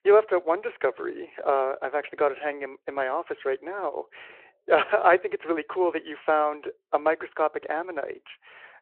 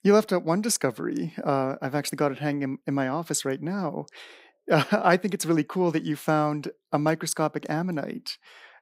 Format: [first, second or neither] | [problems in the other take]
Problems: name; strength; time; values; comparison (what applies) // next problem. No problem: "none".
second | phone-call audio